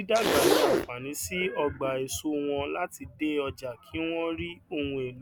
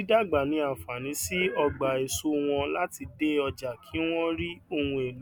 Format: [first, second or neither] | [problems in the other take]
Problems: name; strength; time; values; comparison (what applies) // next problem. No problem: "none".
second | background sound (Zipper (clothing)); 2 dB above the speech